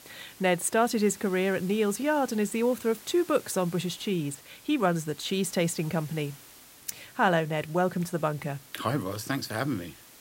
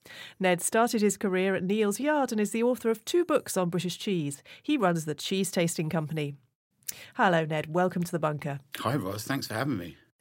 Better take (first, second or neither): second